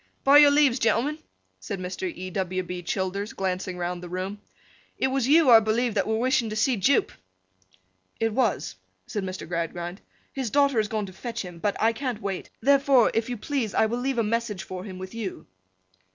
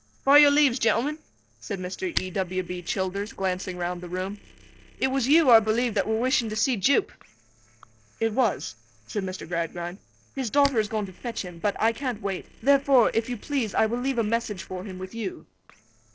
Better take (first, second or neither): first